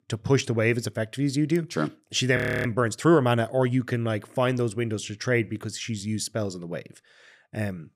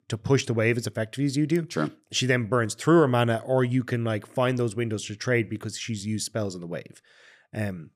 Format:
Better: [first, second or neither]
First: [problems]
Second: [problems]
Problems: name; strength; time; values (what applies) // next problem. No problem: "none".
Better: second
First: audio freezing; at 2.5 s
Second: none